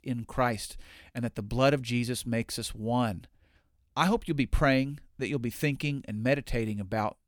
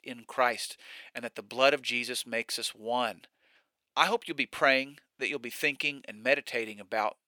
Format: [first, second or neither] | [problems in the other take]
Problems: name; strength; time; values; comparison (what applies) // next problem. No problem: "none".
first | thin; somewhat; fading below 500 Hz